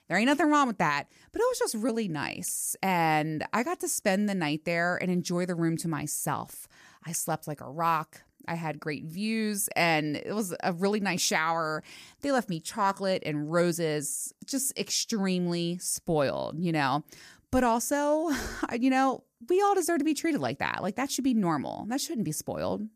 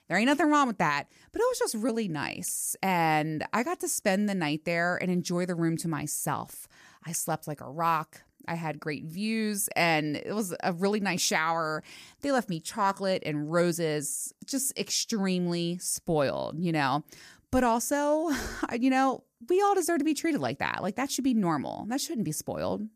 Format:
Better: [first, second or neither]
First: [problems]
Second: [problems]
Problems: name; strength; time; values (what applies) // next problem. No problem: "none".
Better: neither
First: none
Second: none